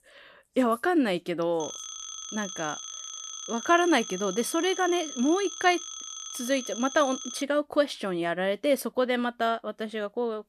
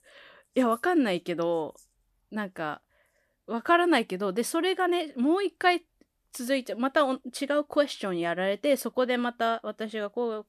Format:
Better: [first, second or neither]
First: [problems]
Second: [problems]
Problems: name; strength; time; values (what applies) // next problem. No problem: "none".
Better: second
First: phone ringing; noticeable; from 1.5 to 7.5 s; peak 9 dB below the speech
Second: none